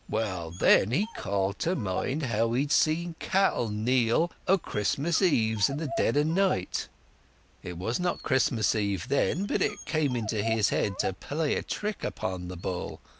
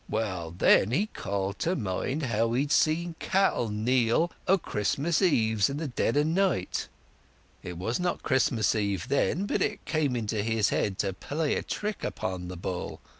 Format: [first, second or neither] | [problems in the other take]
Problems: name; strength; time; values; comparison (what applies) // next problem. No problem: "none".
second | background sound (Dog); 15 dB below the speech